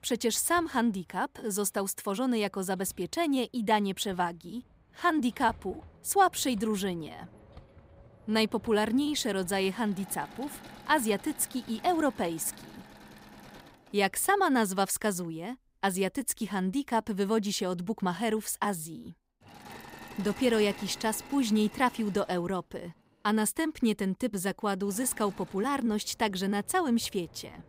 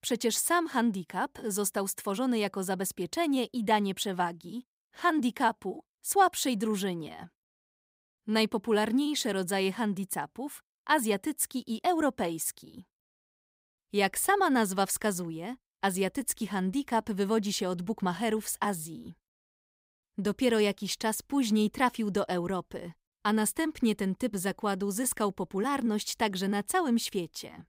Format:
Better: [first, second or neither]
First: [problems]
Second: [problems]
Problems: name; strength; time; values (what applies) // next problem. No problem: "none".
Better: second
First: machinery noise; faint; throughout; 20 dB below the speech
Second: none